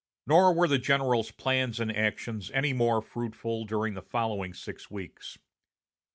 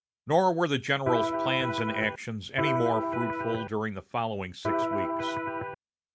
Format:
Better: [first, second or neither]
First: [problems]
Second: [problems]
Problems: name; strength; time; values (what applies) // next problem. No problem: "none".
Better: first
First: none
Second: background sound (Electric guitar); 1 dB above the speech